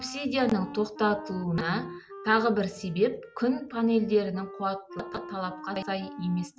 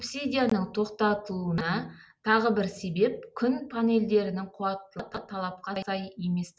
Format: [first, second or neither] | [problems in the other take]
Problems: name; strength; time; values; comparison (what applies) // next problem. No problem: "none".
second | background sound (Wind instrument, woodwind instrument); 15 dB below the speech